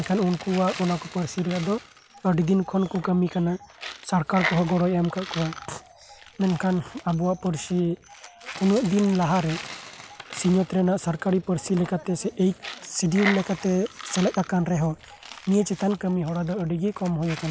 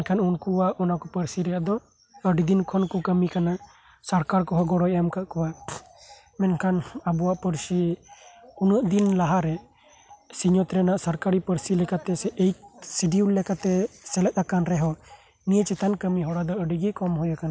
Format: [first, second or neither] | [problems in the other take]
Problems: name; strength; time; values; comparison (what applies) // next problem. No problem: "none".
second | background sound (Coin (dropping)); 14 dB below the speech